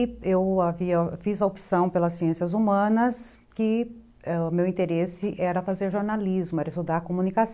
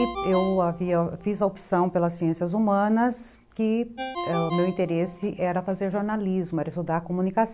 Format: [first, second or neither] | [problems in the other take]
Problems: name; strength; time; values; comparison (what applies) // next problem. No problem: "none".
first | background sound (Ringtone); 13 dB below the speech